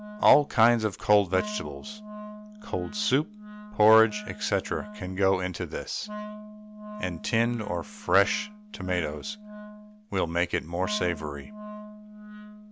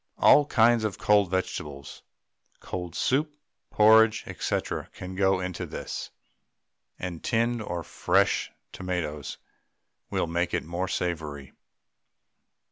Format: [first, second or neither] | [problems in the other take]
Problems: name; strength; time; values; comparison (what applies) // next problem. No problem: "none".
second | background sound (Wind instrument, woodwind instrument); 14 dB below the speech